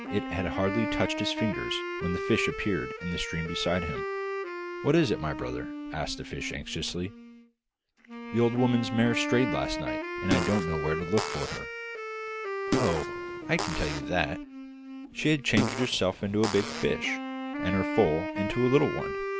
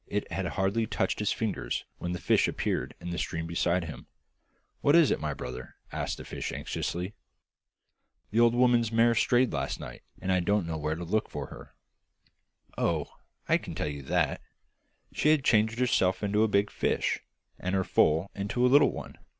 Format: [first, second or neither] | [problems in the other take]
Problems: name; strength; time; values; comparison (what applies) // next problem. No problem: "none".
second | background sound (Wind instrument, woodwind instrument + Fart); 4 dB below the speech